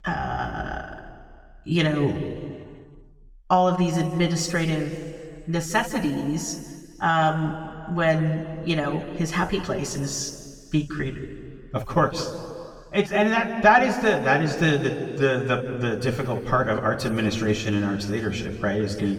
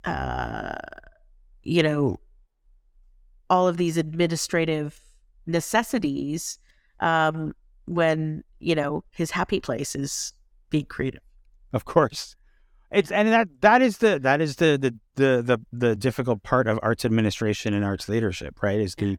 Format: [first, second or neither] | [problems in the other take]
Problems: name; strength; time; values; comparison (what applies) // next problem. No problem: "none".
second | room echo; noticeable; dies away in 1.8 s // off-mic speech; far